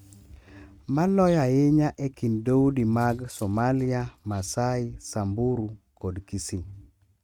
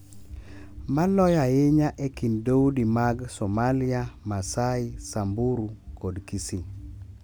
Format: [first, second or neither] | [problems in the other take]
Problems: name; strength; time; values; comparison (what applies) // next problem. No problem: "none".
second | noise reduction (neural mask model RNNoise)